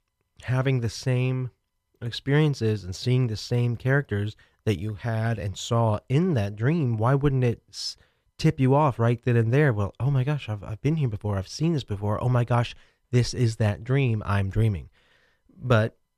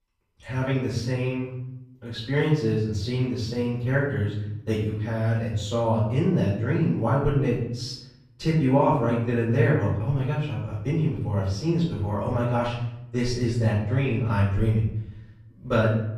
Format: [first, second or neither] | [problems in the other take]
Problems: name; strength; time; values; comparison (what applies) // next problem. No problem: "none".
first | off-mic speech; far // room echo; noticeable; dies away in 0.7 s